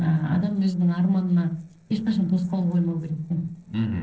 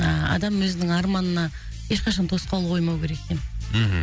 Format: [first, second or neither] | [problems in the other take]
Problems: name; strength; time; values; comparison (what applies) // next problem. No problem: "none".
second | noise reduction (neural separator model SepFormer DNS4)